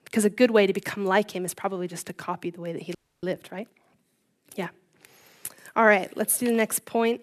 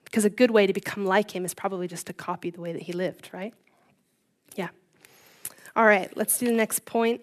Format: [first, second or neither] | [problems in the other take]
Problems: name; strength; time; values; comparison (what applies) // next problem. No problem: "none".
second | audio freezing; at 3 s